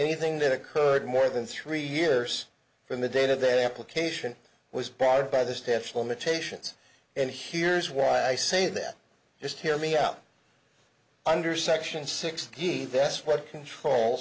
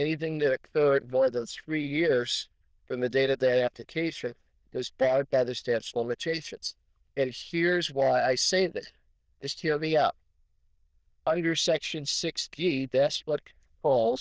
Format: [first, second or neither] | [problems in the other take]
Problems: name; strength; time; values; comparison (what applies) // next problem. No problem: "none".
first | noise reduction (neural diffusion model UNIVERSE++)